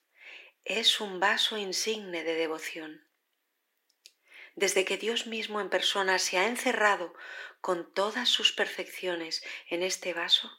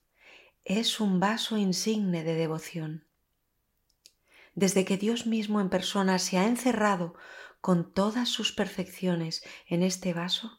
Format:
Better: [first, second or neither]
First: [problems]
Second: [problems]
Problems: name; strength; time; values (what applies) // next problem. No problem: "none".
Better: second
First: thin; very; fading below 300 Hz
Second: none